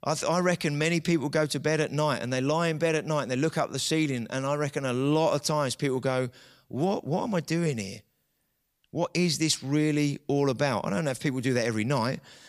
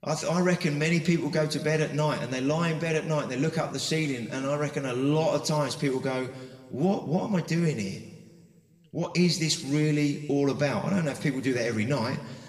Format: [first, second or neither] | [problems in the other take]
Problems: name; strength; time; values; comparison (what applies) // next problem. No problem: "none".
first | room echo; slight; dies away in 1.5 s // off-mic speech; somewhat distant